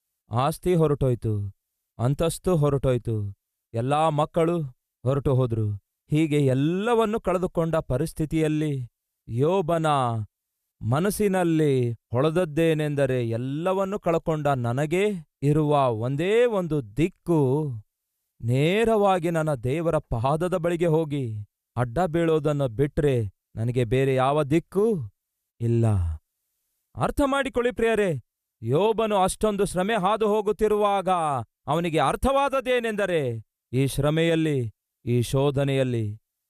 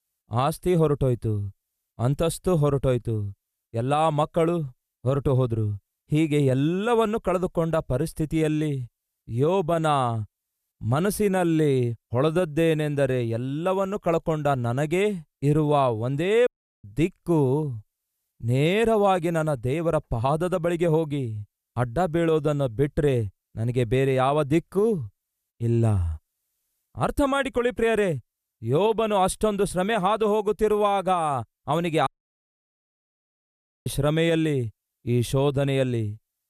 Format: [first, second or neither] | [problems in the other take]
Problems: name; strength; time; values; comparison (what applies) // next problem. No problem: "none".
first | audio cutting out; at 16 s and at 32 s for 2 s